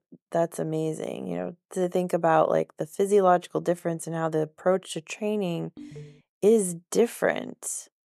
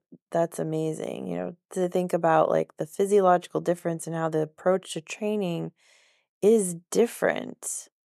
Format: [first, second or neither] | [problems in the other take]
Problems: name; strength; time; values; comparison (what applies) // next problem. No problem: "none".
second | phone ringing; faint; at 6 s; peak 15 dB below the speech